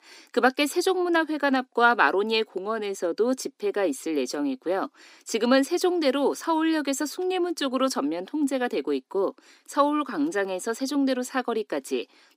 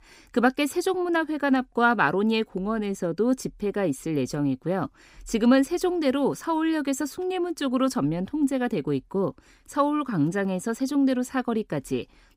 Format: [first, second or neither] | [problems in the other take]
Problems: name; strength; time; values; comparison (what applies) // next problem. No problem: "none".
second | thin; very slightly; fading below 300 Hz